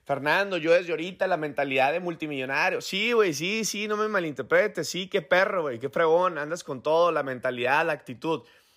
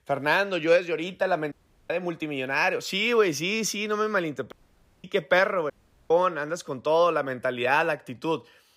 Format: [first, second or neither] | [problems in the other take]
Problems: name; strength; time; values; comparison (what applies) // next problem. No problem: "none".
first | audio cutting out; at 1.5 s, at 4.5 s for 0.5 s and at 5.5 s